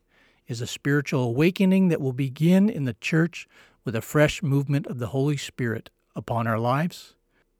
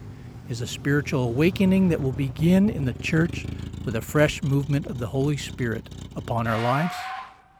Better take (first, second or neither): first